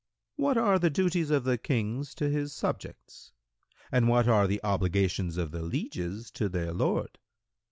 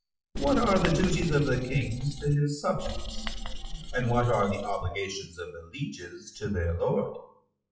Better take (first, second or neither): first